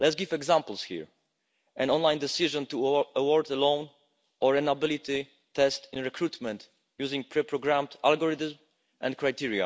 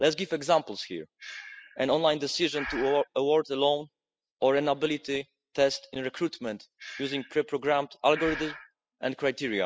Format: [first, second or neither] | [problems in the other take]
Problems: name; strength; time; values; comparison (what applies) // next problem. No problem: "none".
first | noise reduction (classical method spectral subtraction)